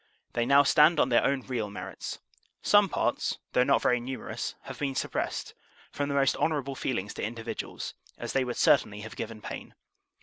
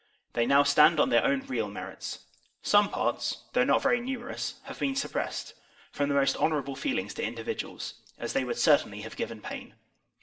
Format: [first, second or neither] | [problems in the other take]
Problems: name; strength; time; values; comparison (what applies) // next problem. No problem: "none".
first | room echo; dies away in 0.5 s